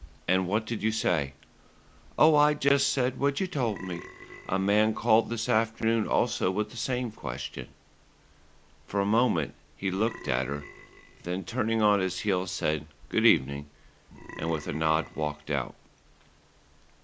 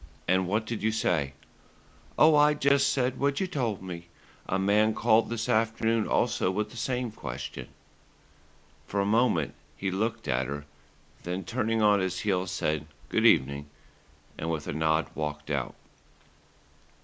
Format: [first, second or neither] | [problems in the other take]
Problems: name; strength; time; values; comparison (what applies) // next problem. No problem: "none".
second | background sound (Burping, eructation); 16 dB below the speech